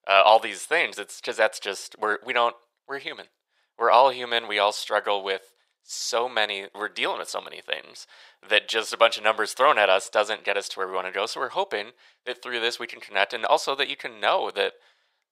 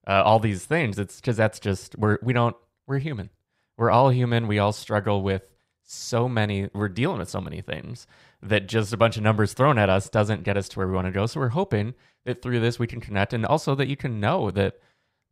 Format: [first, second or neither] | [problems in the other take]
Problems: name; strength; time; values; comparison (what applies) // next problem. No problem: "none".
second | thin; very; fading below 550 Hz